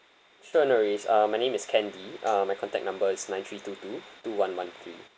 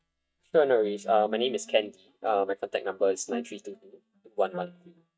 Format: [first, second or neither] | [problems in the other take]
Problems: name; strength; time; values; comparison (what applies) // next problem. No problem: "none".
first | noise reduction (neural mask model DeepFilterNet 3)